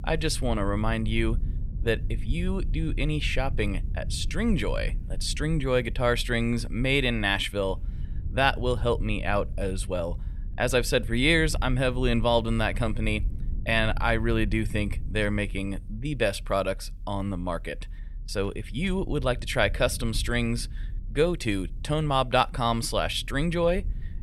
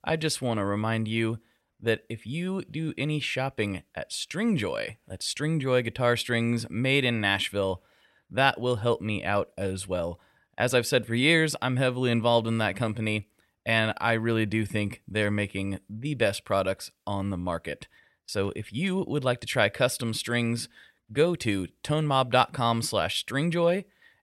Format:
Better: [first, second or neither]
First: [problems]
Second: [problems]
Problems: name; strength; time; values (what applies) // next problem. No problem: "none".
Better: second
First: low rumble; faint; throughout; 25 dB below the speech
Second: none